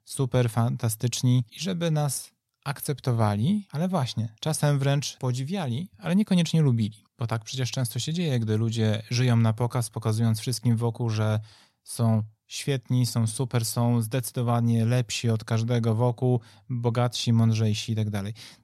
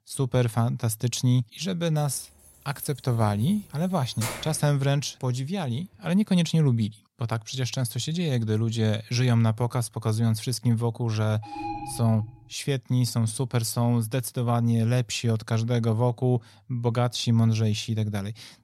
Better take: first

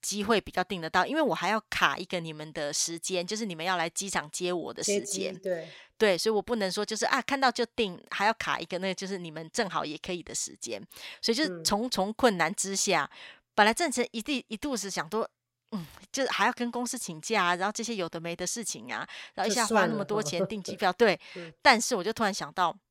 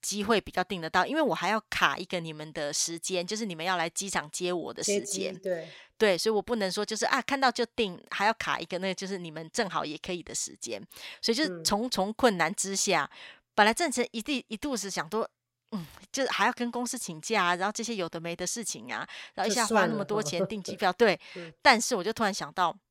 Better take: neither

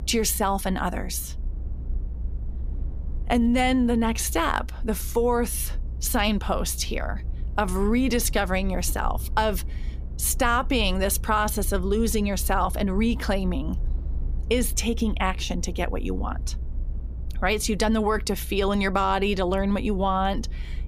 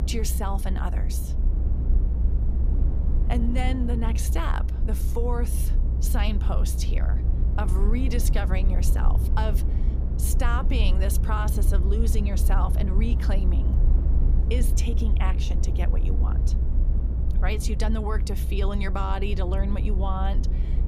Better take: first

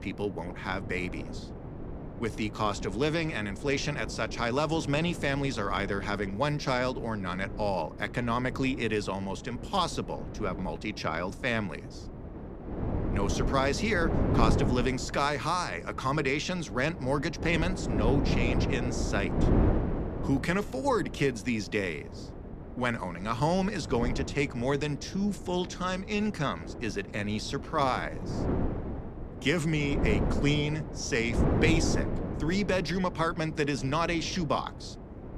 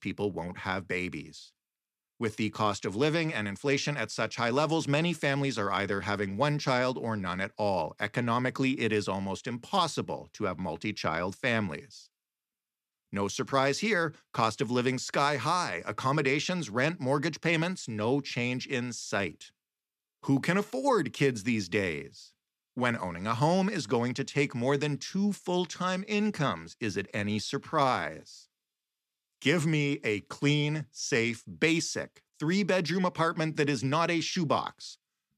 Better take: second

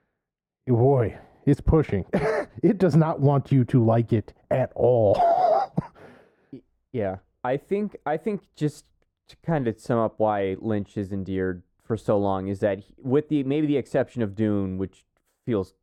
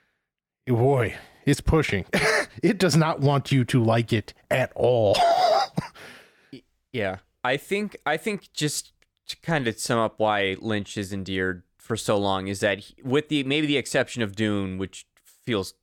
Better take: second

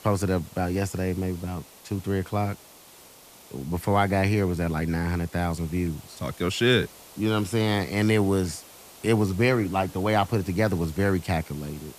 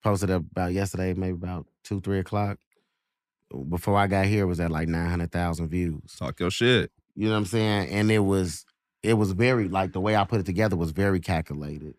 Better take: second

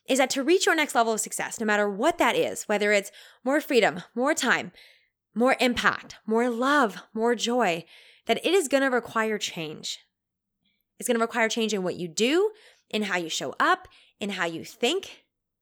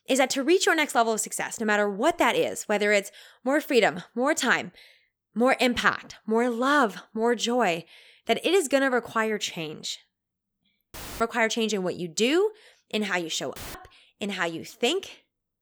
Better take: first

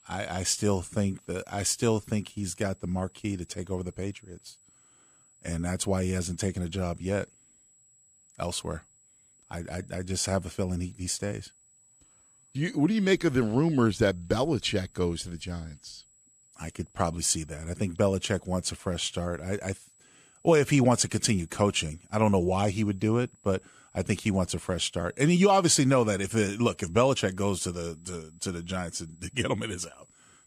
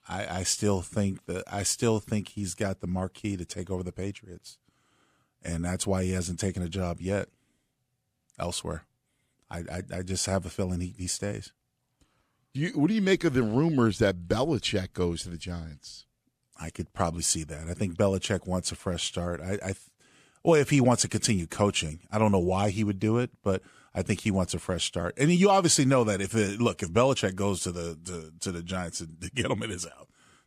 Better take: second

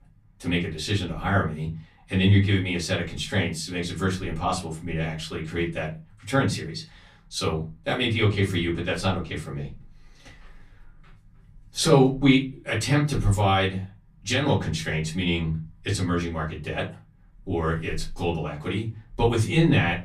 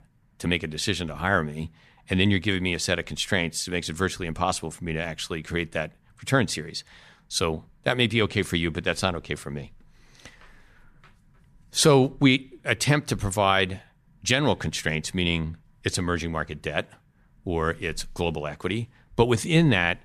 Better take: second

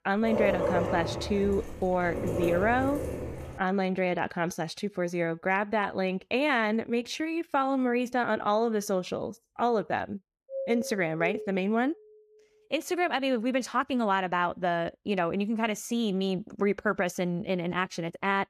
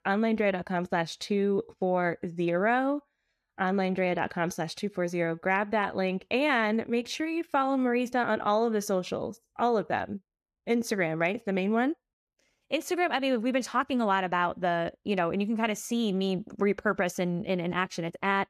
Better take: second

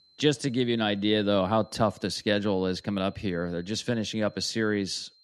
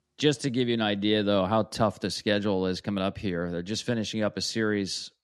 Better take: second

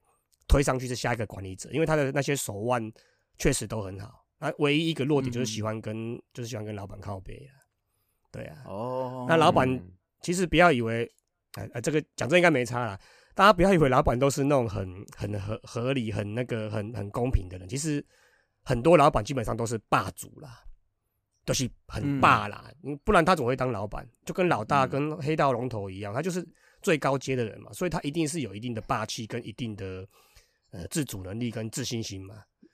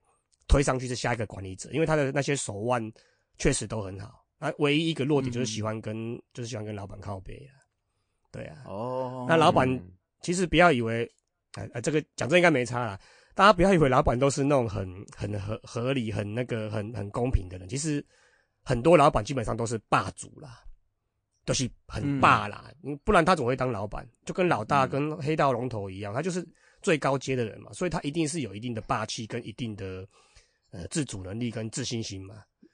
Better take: first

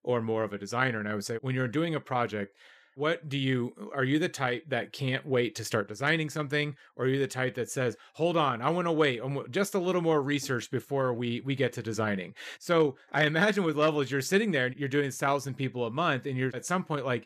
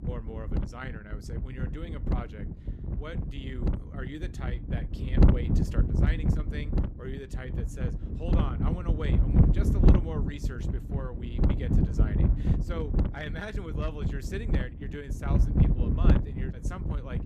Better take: first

